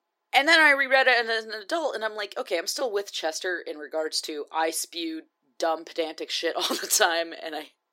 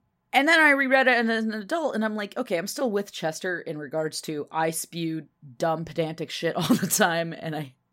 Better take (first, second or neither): second